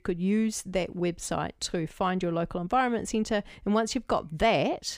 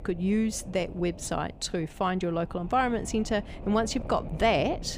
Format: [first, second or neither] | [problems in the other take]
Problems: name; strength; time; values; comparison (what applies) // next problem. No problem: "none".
first | wind noise on the microphone; occasional gusts; 20 dB below the speech